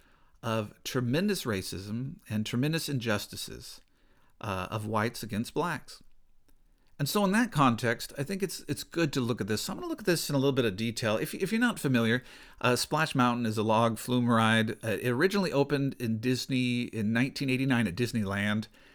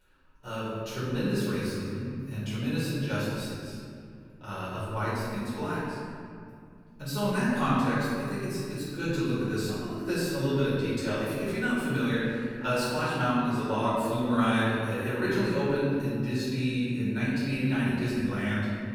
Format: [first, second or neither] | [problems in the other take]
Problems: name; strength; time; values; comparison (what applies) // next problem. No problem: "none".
first | off-mic speech; far // room echo; strong; dies away in 2.2 s